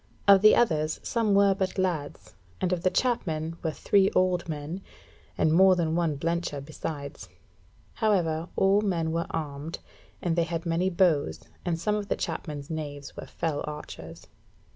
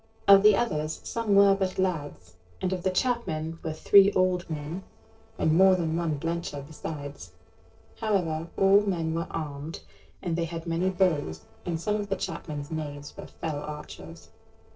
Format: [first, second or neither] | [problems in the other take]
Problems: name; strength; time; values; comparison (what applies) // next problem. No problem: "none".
first | noise reduction (neural separator model SepFormer DNS4)